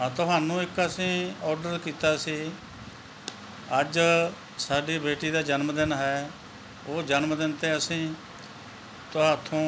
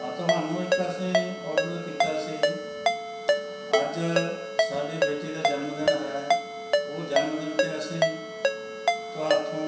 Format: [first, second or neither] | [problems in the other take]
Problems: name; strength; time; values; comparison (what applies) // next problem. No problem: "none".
first | background sound (Ringtone); 5 dB above the speech // room echo; dies away in 0.7 s